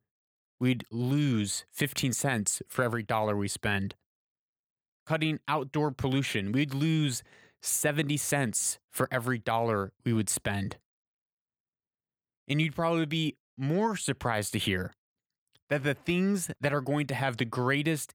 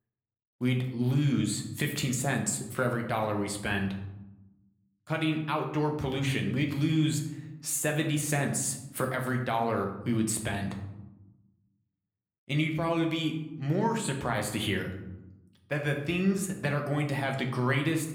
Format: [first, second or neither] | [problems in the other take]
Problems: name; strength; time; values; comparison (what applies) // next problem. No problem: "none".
first | room echo; slight; dies away in 0.7 s